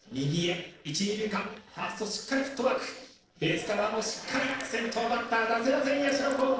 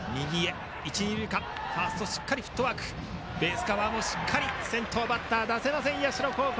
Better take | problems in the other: second | noise reduction (neural separator model SepFormer DNS4)

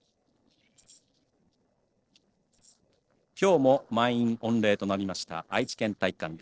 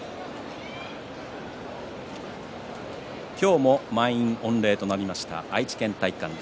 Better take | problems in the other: second | noise reduction (neural separator model SepFormer DNS4)

